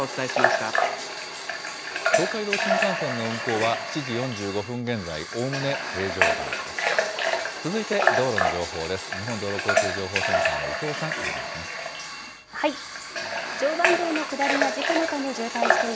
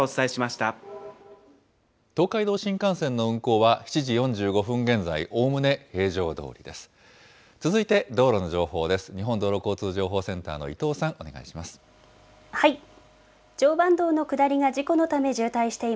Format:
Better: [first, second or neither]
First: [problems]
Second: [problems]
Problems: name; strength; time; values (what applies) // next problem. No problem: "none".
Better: second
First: background sound (Water tap, faucet / Water); 3 dB above the speech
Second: none